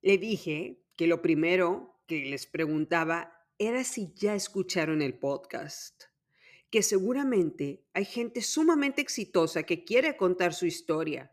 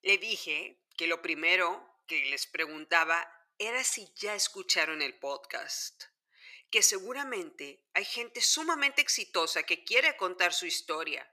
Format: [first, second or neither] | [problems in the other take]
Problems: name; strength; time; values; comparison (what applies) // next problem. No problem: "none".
first | thin; very; fading below 950 Hz